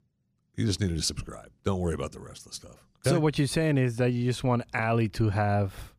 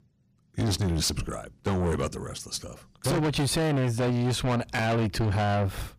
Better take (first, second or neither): first